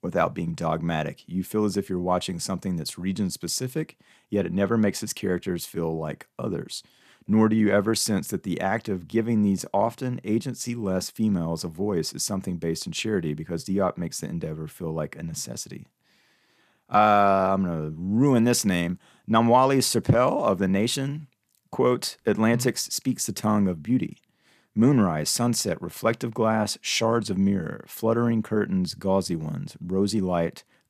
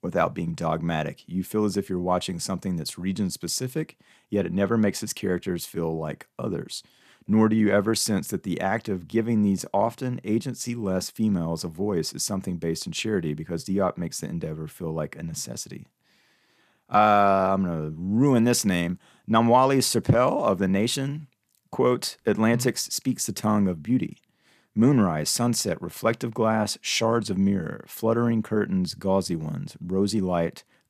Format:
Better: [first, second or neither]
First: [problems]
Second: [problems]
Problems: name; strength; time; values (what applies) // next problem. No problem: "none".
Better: neither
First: none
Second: none